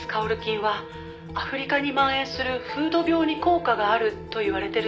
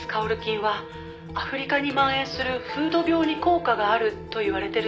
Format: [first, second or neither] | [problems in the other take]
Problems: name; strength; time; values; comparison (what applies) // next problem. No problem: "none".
first | background sound (Electric guitar); 19 dB below the speech